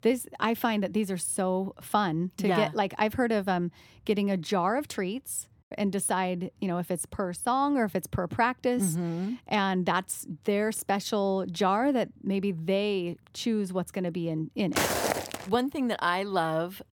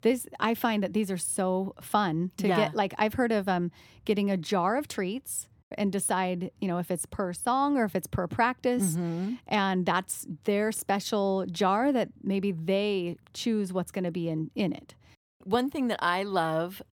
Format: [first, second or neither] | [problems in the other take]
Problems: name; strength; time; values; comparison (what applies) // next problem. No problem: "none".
second | footsteps; loud; at 15 s; peak 3 dB above the speech